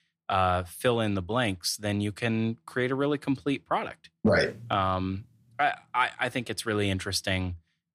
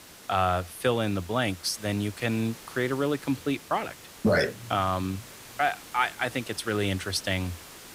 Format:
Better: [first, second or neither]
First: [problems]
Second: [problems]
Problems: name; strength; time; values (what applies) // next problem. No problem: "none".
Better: first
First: none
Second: hiss; noticeable; throughout; 15 dB below the speech